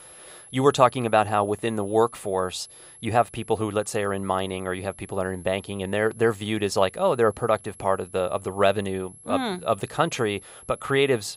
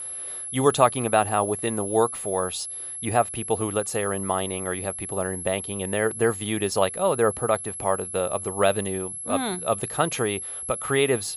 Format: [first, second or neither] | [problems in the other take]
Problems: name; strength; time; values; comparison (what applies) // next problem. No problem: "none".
first | high-pitched whine; loud; throughout; 11 kHz, 6 dB below the speech; faint in the first